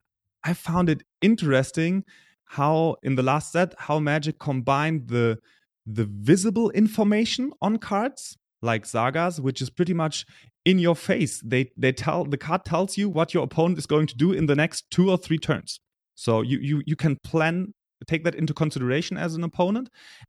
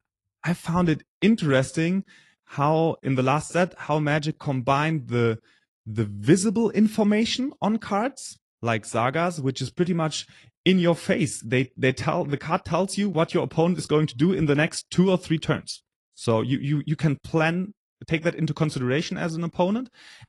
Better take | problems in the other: first | garbled, watery; slightly

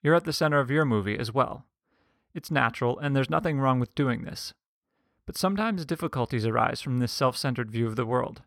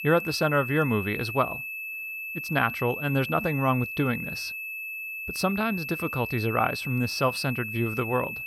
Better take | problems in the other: first | high-pitched whine; loud; throughout; 2.5 kHz, 5 dB below the speech

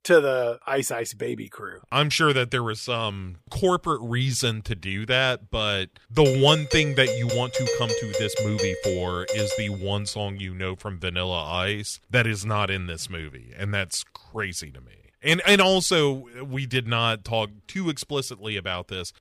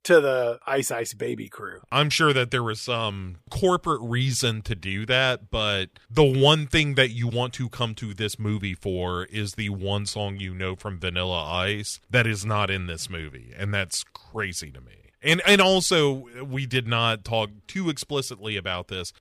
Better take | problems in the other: second | doorbell; noticeable; from 6.5 to 9.5 s; peak 2 dB below the speech

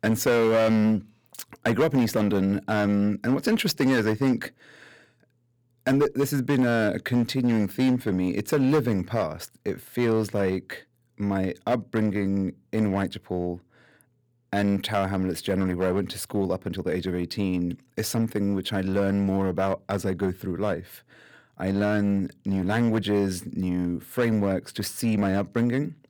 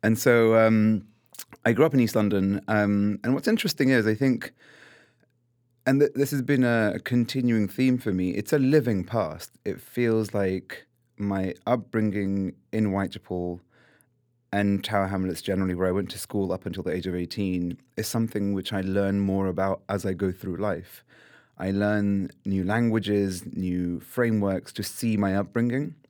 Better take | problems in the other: second | distortion; slight; 7% of the sound clipped

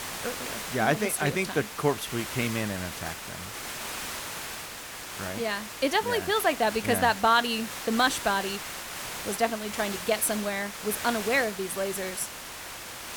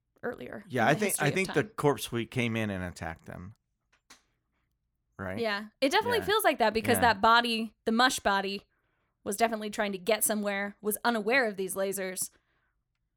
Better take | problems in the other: second | hiss; loud; throughout; 8 dB below the speech

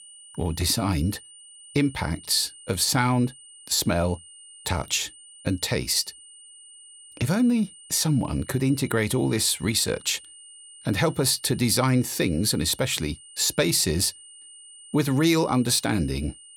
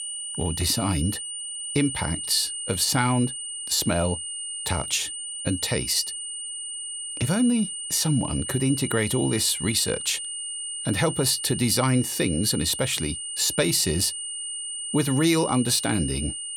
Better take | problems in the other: first | high-pitched whine; loud; throughout; 9 kHz, 6 dB below the speech; faint in the first

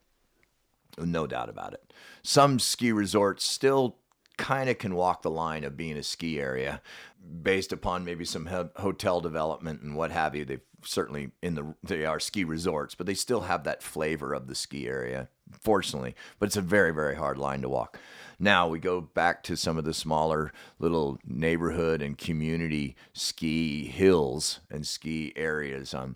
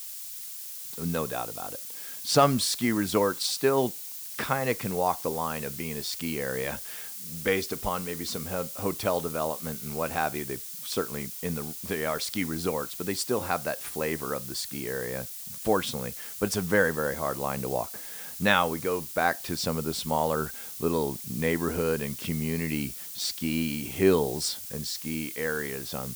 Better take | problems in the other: first | hiss; loud; throughout; 7 dB below the speech

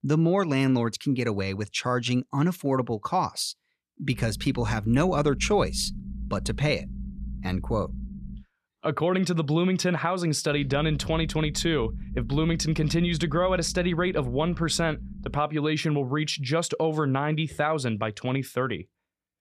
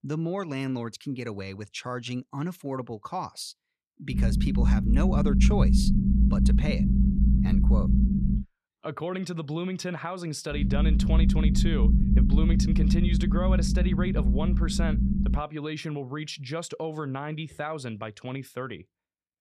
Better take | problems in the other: first | low rumble; loud; from 4 to 8.5 s and from 11 to 15 s; as loud as the speech; faint in the first

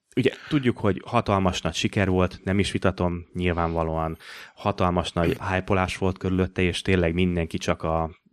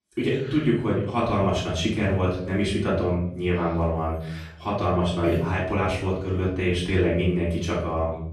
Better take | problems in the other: first | off-mic speech; far // room echo; noticeable; dies away in 0.9 s

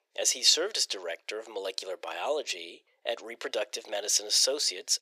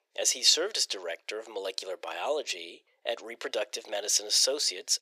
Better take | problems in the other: neither | thin; very; fading below 450 Hz; the same in both

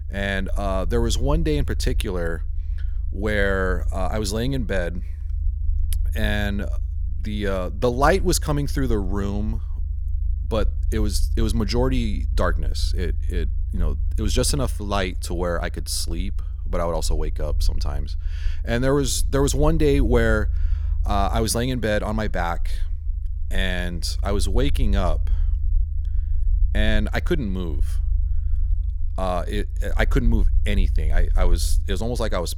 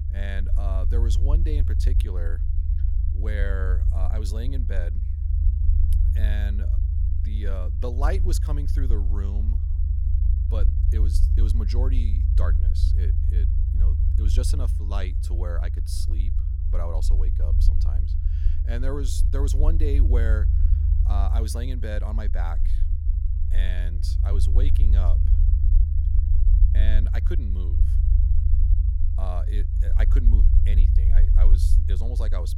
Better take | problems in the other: first | low rumble; loud; throughout; 5 dB below the speech; faint in the first

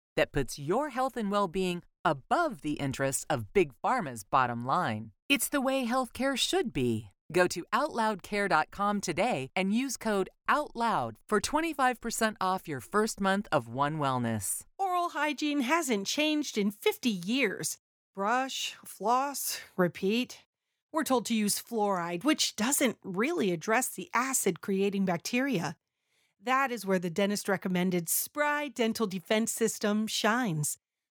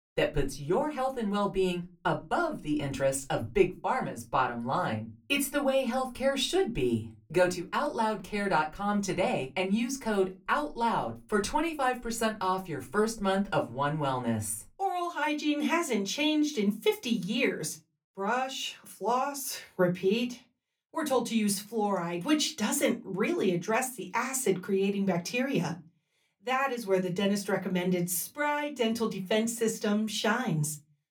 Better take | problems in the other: first | off-mic speech; somewhat distant // room echo; very slight; dies away in 0.2 s

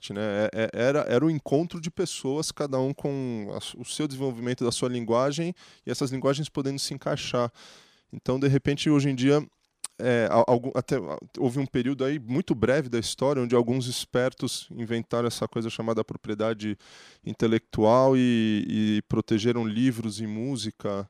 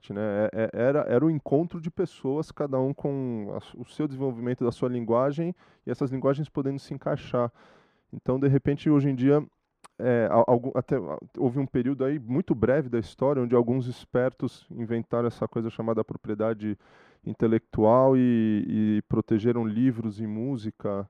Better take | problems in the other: first | muffled; very; fading above 2.5 kHz

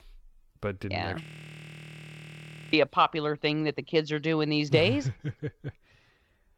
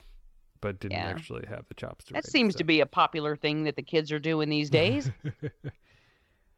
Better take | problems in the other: second | audio freezing; at 1 s for 1.5 s

